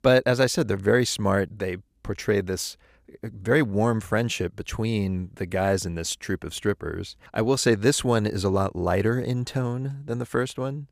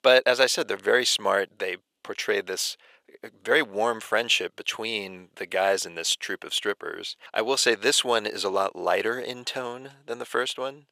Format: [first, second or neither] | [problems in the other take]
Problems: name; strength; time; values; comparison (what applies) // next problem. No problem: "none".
first | thin; very; fading below 600 Hz